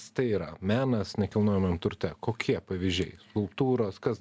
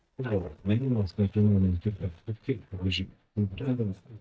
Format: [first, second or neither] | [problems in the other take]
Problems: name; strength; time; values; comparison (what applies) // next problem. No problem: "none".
first | noise reduction (neural mask model DeepFilterNet 3)